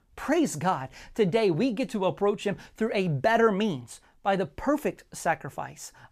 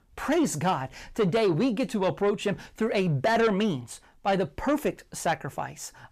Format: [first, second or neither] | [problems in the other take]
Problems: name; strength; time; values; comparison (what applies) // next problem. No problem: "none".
first | distortion; slight; 10 dB below the speech